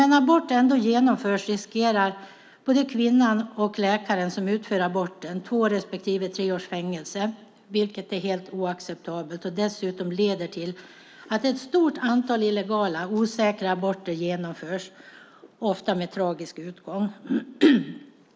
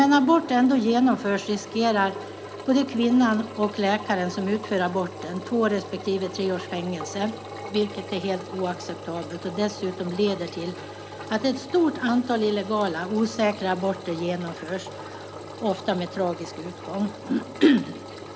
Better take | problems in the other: first | background sound (Engine); 13 dB below the speech

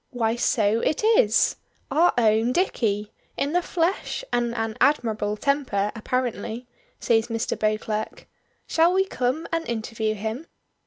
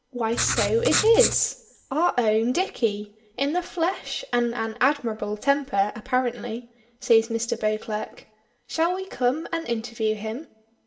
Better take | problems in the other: first | background sound (Writing); 2 dB below the speech // room echo; dies away in 0.5 s

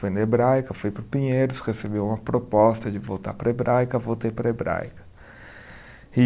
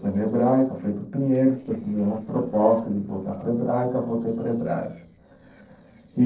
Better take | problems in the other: first | noise reduction (neural separator model SepFormer DNS4)

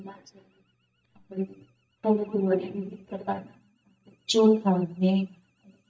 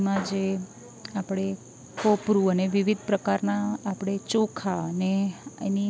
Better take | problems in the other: second | noise reduction (neural mask model DeepFilterNet 3)

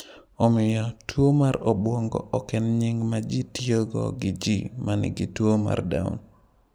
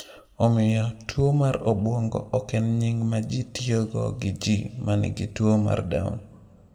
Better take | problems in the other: first | room echo; dies away in 1 s

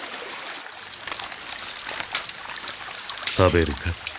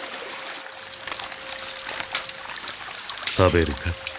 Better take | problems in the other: first | background sound (Wind instrument, woodwind instrument); 19 dB below the speech

